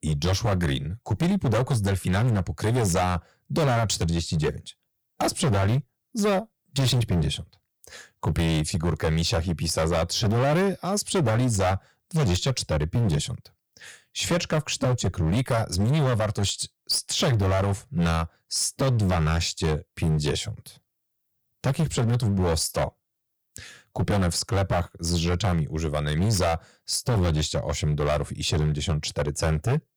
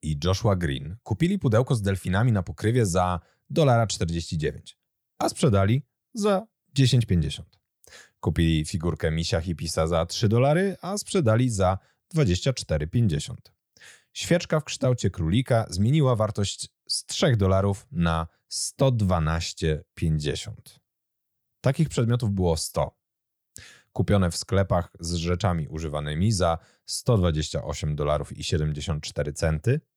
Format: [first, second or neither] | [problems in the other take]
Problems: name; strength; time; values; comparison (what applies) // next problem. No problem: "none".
second | distortion; heavy; 17% of the sound clipped